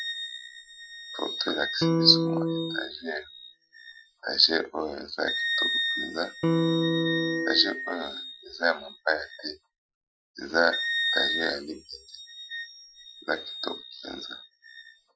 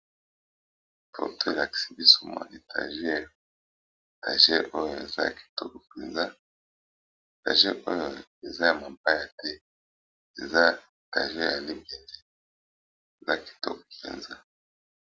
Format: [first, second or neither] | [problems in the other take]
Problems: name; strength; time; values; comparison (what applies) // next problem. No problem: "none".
second | noise reduction (classical method Wiener filter)